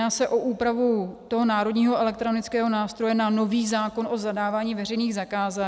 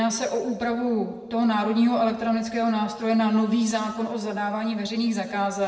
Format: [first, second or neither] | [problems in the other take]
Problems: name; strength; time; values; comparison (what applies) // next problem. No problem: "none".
first | room echo; dies away in 1 s